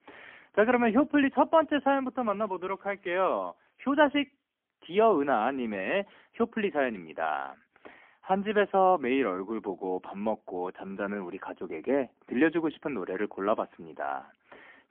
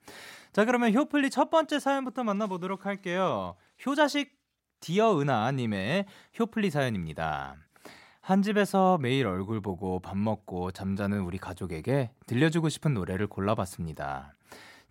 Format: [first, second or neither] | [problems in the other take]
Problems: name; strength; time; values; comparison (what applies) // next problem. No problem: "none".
second | phone-call audio; poor line; nothing above 3 kHz